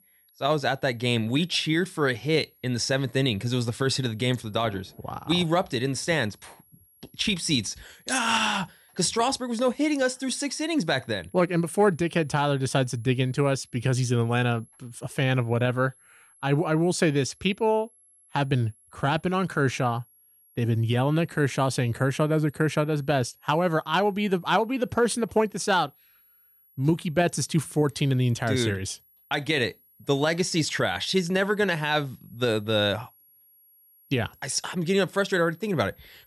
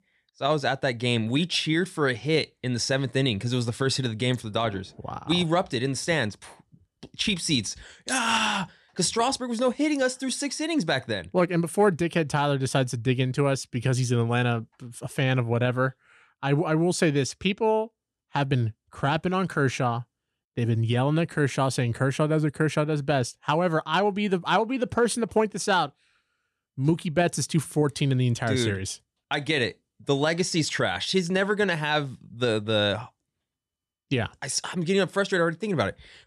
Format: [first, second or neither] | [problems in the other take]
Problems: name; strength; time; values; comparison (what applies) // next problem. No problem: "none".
second | high-pitched whine; faint; throughout; 11.5 kHz, 30 dB below the speech